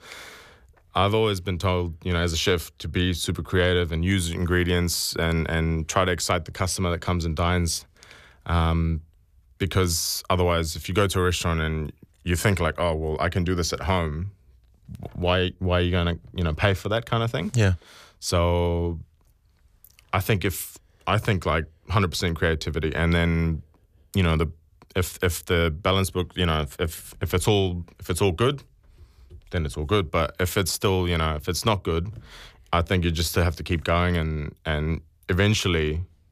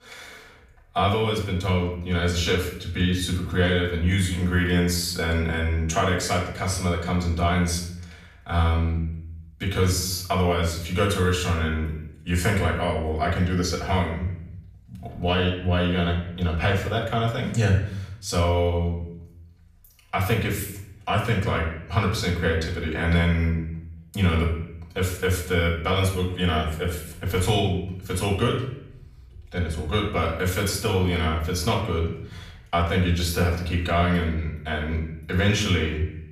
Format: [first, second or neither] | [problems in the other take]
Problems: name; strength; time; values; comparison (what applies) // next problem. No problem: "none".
first | off-mic speech; far // room echo; noticeable; dies away in 0.6 s